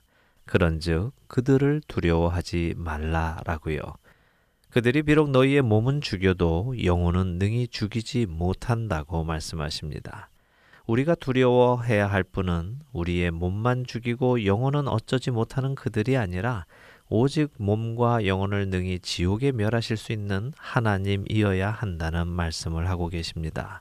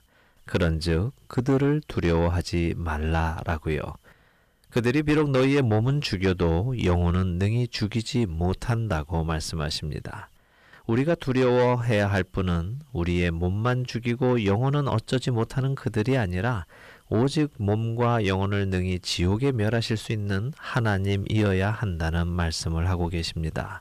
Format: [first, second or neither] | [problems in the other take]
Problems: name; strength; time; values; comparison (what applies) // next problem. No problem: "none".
first | distortion; slight; 10 dB below the speech